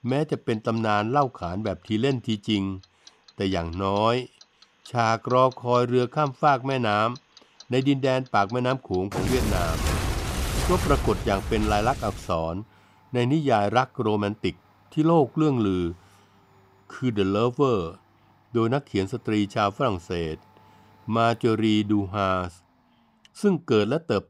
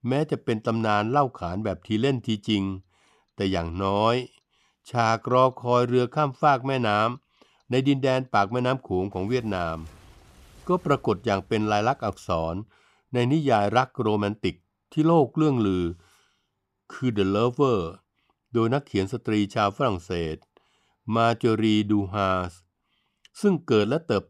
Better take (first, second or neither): second